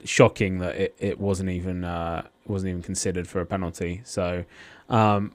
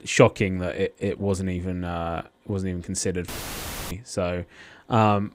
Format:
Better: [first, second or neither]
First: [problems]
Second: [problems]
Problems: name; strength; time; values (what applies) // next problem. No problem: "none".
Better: first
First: none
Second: audio cutting out; filled with static; at 3.5 s for 0.5 s